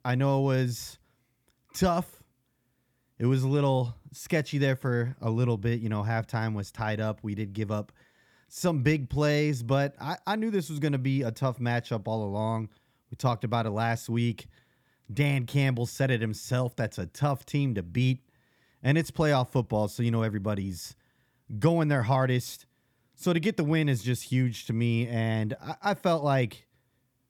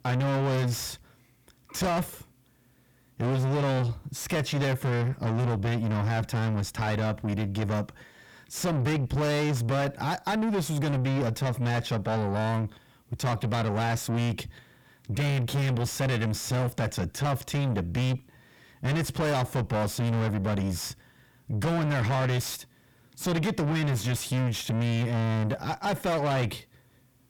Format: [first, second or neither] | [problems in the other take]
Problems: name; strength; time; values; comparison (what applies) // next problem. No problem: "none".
first | distortion; heavy; 5 dB below the speech